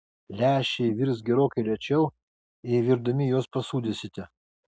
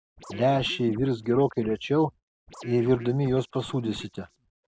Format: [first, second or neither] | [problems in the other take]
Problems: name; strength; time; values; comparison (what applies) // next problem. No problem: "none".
first | background sound (Scratching (performance technique)); 18 dB below the speech